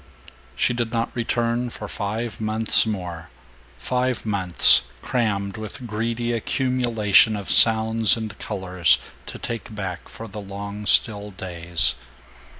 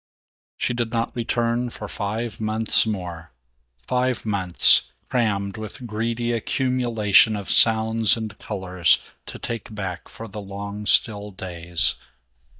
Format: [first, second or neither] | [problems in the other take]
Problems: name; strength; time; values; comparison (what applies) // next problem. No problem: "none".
first | noise reduction (neural mask model DeepFilterNet 3)